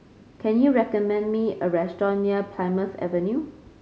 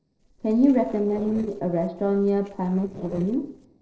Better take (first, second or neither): first